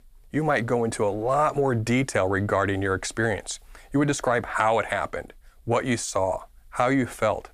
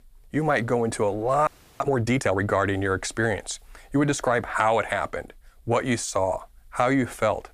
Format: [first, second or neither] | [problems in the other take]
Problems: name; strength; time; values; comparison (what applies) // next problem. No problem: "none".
first | audio freezing; at 1.5 s